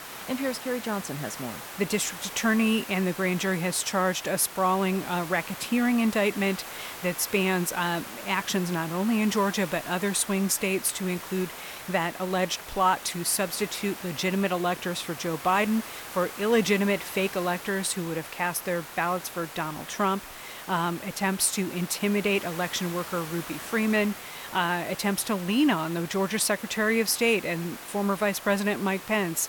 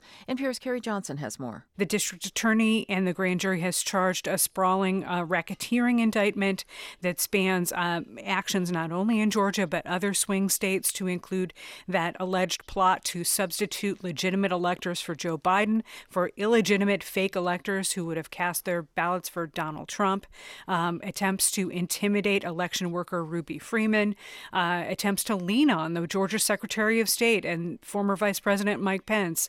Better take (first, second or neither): second